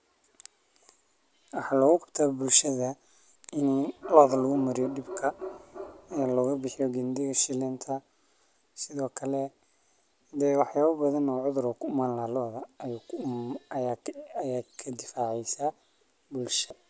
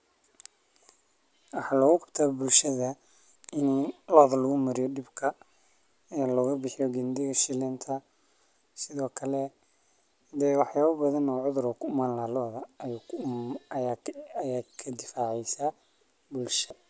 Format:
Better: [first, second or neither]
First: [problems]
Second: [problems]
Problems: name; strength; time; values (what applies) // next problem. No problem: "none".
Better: second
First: background sound (Bark); 12 dB below the speech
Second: none